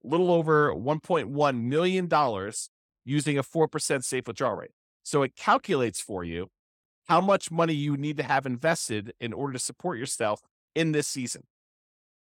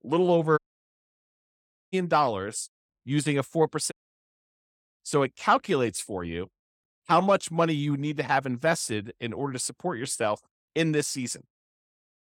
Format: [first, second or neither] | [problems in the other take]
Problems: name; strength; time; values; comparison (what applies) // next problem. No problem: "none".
first | audio cutting out; at 0.5 s for 1.5 s and at 4 s for 1 s